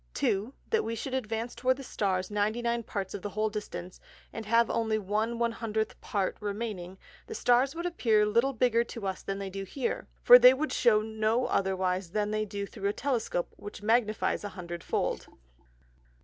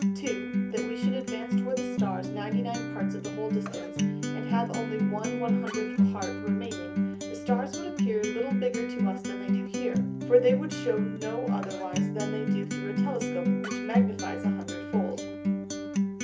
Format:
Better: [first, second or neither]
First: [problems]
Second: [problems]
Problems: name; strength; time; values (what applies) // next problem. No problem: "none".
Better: first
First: none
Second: background sound (Acoustic guitar); 4 dB above the speech // room echo; dies away in 0.3 s